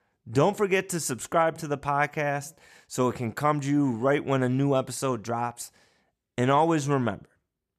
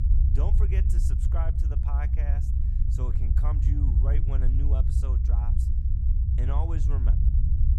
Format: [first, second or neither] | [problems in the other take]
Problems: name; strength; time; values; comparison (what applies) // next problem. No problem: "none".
first | low rumble; loud; throughout; 1 dB below the speech